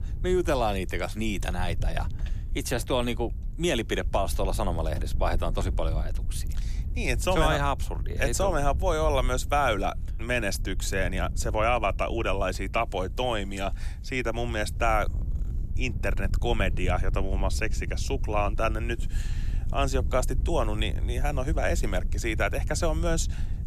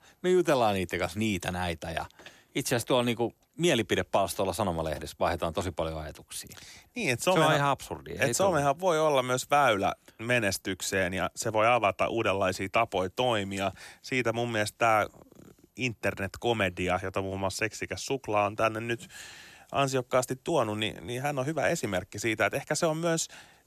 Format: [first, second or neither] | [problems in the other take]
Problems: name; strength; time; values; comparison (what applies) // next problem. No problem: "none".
second | wind noise on the microphone; occasional gusts; 20 dB below the speech